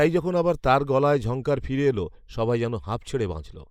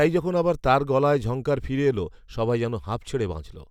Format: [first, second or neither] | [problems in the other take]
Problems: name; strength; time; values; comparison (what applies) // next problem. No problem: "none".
second | noise reduction (neural mask model Resemble Enhance denoiser)